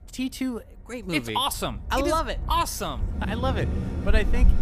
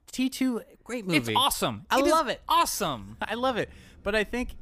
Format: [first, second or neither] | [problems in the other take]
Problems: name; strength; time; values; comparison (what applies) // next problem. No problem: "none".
second | rain or running water; loud; throughout; 2 dB below the speech; faint in the second